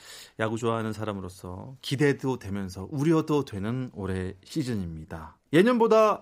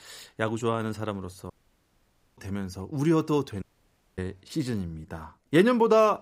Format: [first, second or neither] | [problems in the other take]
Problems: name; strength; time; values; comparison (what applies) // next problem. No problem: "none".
first | audio cutting out; at 1.5 s for 1 s and at 3.5 s for 0.5 s